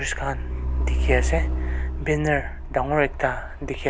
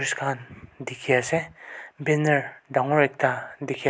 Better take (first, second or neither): second